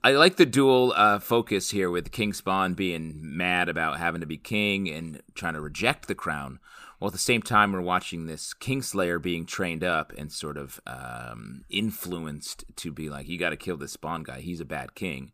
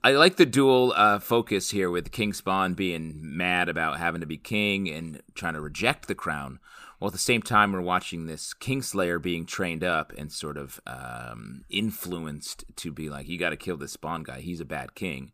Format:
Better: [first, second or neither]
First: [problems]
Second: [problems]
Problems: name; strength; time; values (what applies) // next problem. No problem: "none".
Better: neither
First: none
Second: none